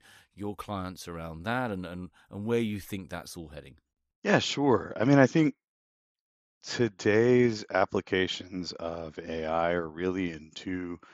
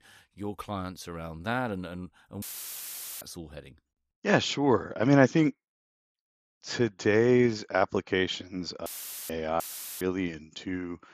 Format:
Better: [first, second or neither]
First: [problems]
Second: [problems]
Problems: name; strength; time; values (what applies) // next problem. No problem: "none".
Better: first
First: none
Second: audio cutting out; filled with static; at 2.5 s for 1 s, at 9 s and at 9.5 s